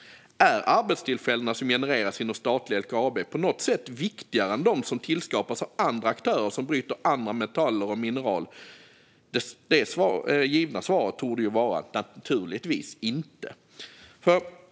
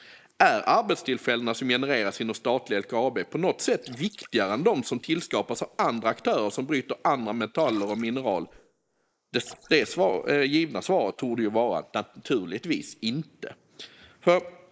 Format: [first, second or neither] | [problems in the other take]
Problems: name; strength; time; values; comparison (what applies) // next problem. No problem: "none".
first | noise reduction (neural mask model Resemble Enhance denoiser)